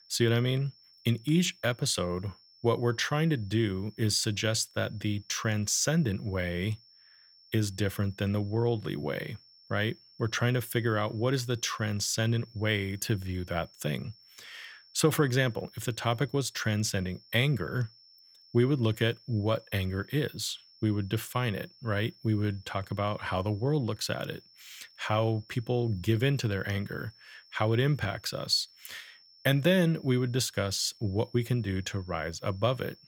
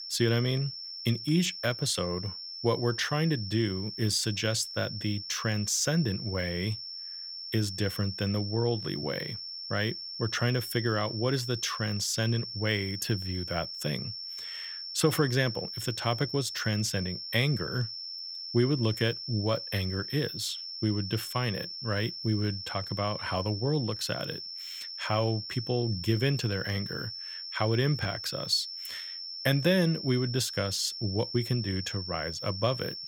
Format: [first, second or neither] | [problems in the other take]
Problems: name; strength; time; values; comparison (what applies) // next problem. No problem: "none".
first | high-pitched whine; loud; throughout; 5.5 kHz, 7 dB below the speech; faint in the first